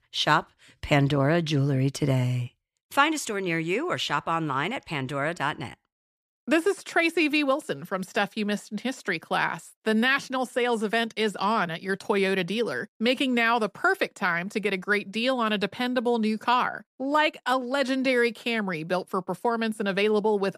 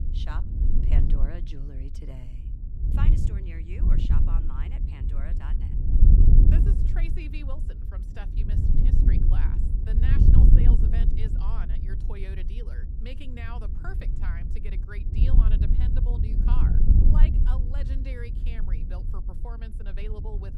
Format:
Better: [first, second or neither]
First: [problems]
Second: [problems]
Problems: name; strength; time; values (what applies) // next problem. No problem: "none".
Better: first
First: none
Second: wind noise on the microphone; heavy; 3 dB above the speech